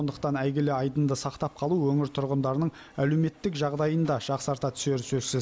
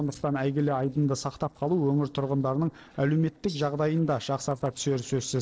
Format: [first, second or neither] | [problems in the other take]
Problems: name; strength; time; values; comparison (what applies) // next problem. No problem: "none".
first | noise reduction (neural separator model SepFormer DNS4)